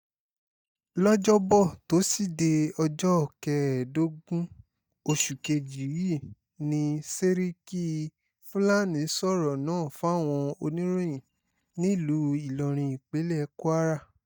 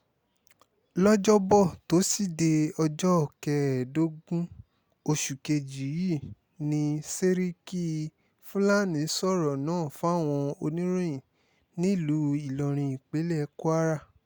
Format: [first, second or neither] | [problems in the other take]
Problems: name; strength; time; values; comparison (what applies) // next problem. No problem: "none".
second | noise reduction (neural mask model DeepFilterNet 3)